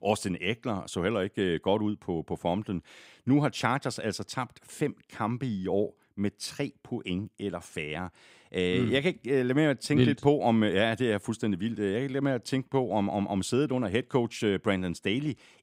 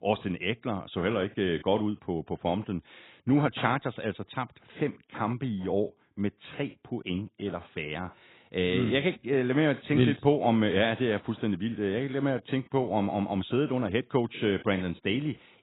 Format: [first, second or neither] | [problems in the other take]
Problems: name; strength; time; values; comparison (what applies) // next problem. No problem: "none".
first | garbled, watery; badly; nothing above 3.5 kHz